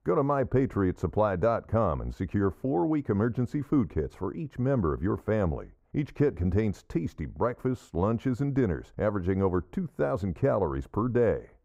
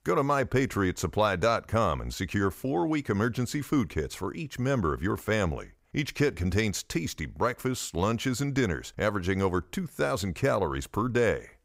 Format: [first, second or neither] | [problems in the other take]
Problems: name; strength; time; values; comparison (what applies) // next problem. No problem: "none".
second | muffled; very; fading above 2 kHz